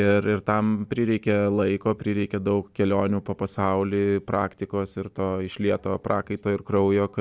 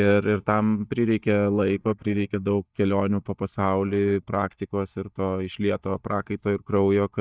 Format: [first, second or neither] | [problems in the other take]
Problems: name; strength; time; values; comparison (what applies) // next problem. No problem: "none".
first | noise reduction (neural mask model DeepFilterNet 3)